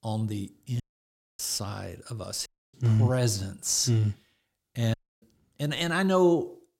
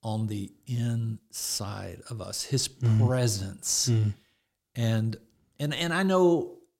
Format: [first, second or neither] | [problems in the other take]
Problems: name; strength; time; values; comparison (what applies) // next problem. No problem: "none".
second | audio cutting out; at 1 s for 0.5 s, at 2.5 s and at 5 s